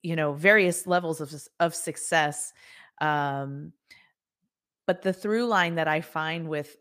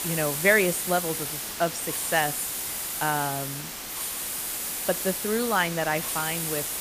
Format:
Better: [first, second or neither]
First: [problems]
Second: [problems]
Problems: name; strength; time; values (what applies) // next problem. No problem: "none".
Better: first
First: none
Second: hiss; loud; throughout; 2 dB below the speech